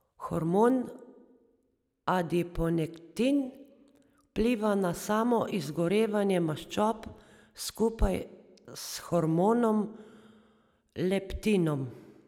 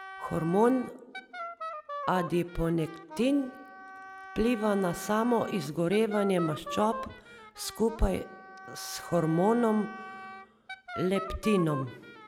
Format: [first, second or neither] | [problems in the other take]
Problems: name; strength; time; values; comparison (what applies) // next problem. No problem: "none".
first | background sound (Wind instrument, woodwind instrument); 12 dB below the speech